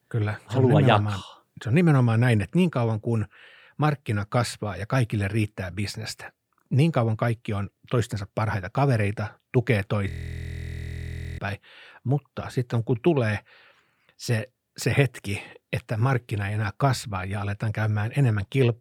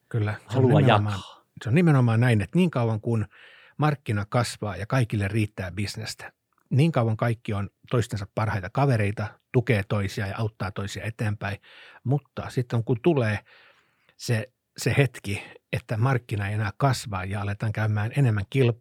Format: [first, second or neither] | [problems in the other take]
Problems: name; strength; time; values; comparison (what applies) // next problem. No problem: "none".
second | audio freezing; at 10 s for 1.5 s